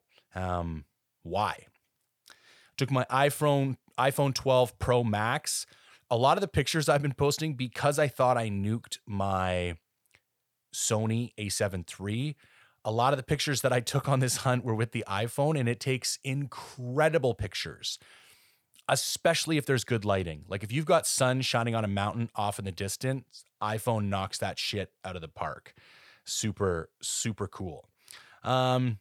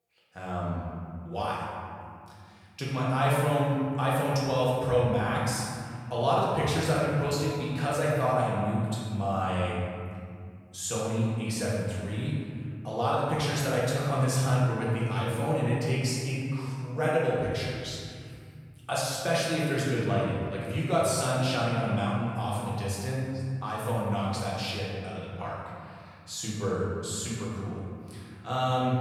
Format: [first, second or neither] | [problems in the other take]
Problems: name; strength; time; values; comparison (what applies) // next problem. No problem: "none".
first | room echo; strong; dies away in 2.3 s // off-mic speech; far